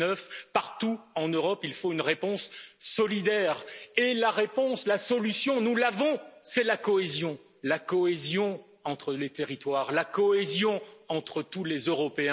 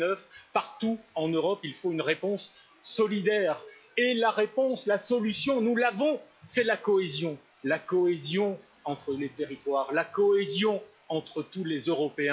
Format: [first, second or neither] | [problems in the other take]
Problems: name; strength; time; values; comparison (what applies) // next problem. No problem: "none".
first | noise reduction (classical method log-MMSE)